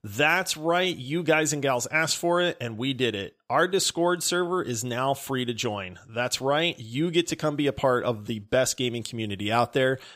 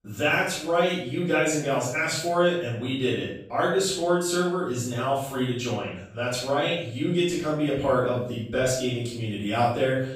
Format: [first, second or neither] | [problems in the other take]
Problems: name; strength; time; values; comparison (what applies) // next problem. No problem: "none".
first | off-mic speech; far // room echo; noticeable; dies away in 0.6 s